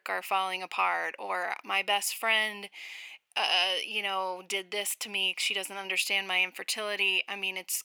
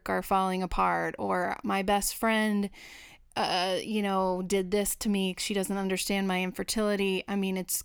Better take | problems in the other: second | thin; very; fading below 650 Hz

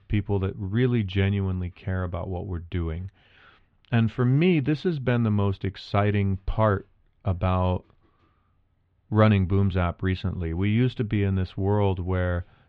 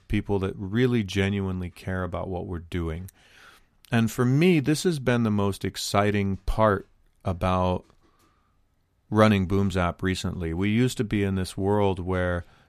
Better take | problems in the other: second | muffled; slightly; fading above 3 kHz

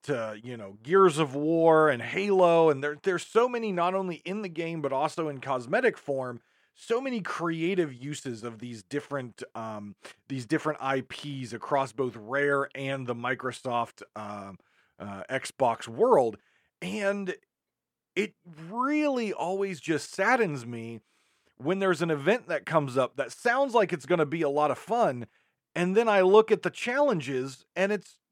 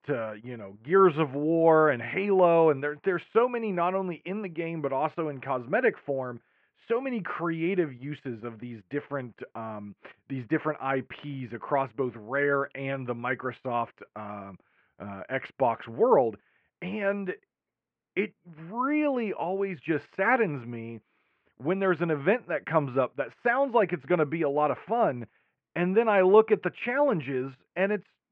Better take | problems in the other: first | muffled; very; fading above 2.5 kHz

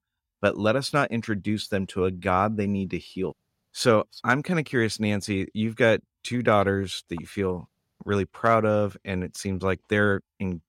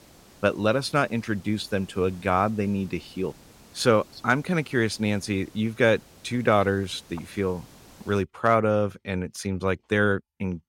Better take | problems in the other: first | hiss; faint; until 8 s; 25 dB below the speech

